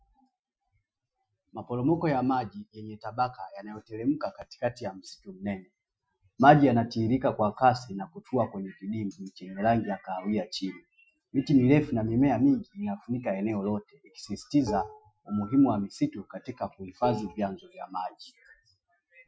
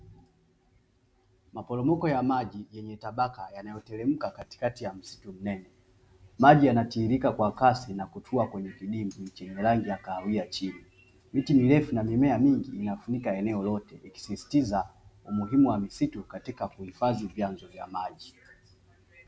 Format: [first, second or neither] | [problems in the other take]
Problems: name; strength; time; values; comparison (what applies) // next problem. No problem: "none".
second | noise reduction (classical method Wiener filter)